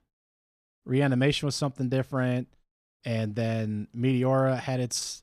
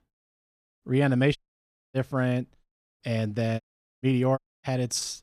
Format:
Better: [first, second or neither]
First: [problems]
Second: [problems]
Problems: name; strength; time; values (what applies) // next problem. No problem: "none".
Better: first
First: none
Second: audio cutting out; at 1.5 s for 0.5 s, at 3.5 s and at 4.5 s